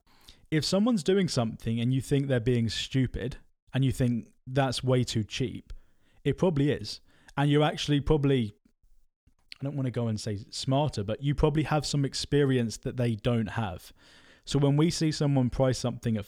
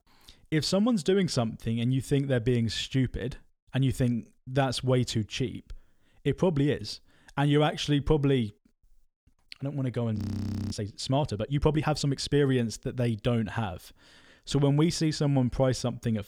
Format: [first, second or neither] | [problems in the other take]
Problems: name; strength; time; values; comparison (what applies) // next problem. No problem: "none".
first | audio freezing; at 10 s for 0.5 s